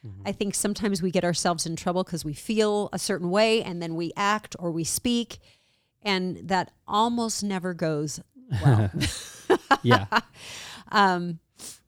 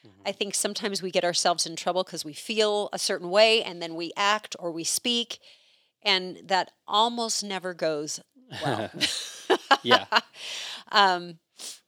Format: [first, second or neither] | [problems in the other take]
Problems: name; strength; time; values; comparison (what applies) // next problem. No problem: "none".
first | thin; somewhat; fading below 300 Hz